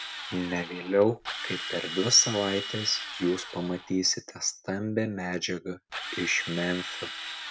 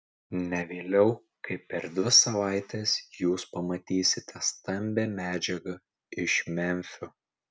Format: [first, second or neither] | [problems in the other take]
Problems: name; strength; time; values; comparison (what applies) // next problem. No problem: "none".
second | background sound (Drill); 9 dB below the speech